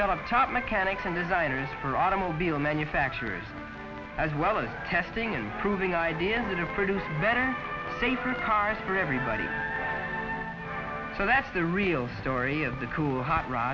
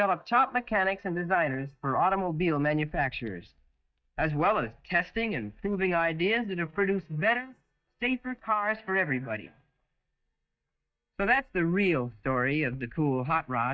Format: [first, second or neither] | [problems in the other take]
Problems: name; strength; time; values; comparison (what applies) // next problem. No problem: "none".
first | noise reduction (neural mask model DeepFilterNet 3)